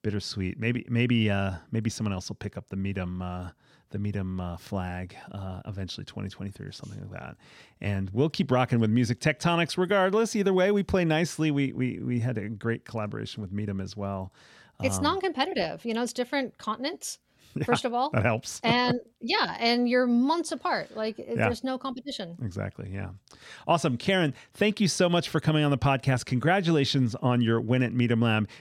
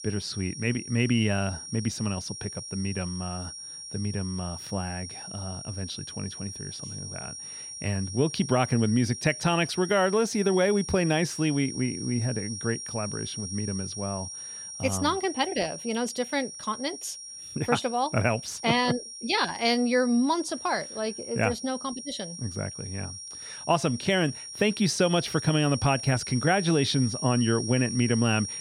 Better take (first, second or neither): first